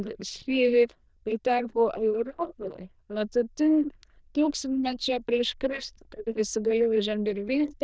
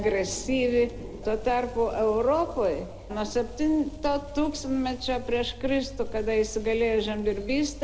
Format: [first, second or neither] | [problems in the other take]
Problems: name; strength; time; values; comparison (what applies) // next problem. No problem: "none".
second | noise reduction (neural diffusion model UNIVERSE++)